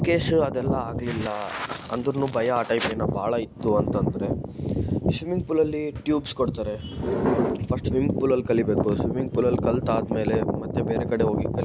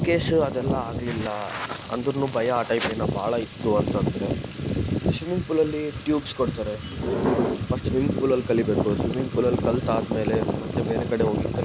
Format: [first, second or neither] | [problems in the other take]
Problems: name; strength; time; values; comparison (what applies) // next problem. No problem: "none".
first | background sound (Fill (with liquid) / Trickle, dribble / Sink (filling or washing)); 19 dB below the speech